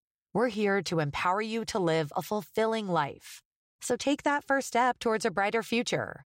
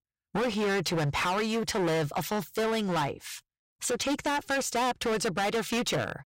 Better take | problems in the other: first | distortion; heavy; 26% of the sound clipped

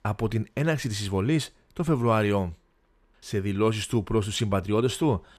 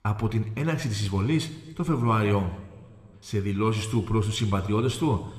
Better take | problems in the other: first | room echo; very slight; dies away in 1.5 s

